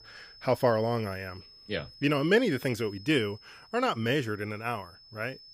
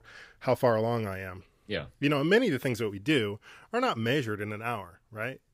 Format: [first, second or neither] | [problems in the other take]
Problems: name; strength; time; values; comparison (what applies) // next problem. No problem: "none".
second | high-pitched whine; faint; throughout; 5 kHz, 20 dB below the speech